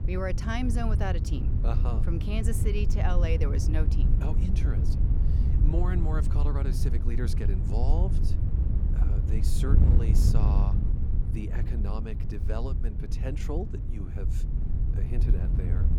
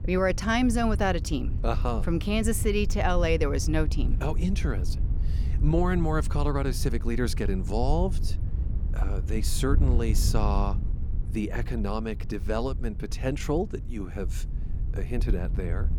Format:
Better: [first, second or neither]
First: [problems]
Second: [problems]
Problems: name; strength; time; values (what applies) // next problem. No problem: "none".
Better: second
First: wind noise on the microphone; heavy; 4 dB below the speech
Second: wind noise on the microphone; occasional gusts; 15 dB below the speech